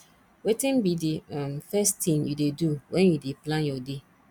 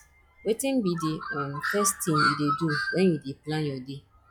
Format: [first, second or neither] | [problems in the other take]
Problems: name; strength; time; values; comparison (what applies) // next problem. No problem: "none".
first | noise reduction (classical method log-MMSE)